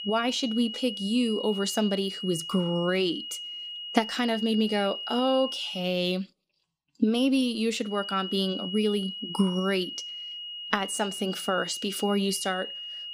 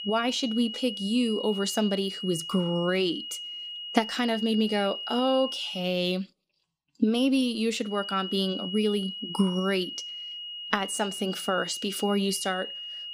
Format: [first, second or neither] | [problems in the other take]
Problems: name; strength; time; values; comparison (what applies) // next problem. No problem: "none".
neither | high-pitched whine; loud; until 6 s and from 8 s on; 3 kHz, 7 dB below the speech; the same in both